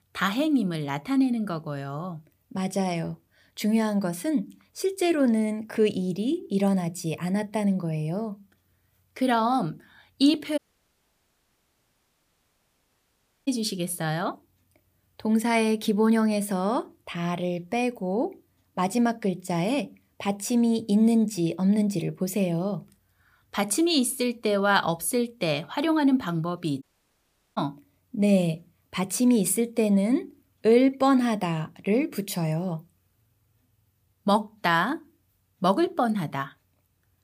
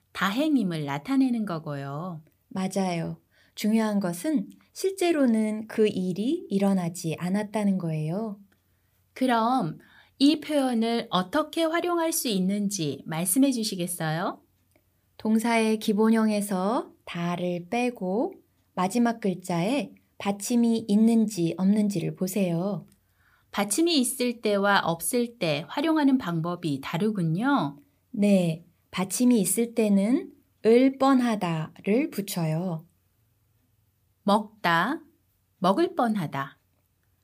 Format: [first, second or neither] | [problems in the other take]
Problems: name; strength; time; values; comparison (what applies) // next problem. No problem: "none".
second | audio cutting out; at 11 s for 3 s and at 27 s for 0.5 s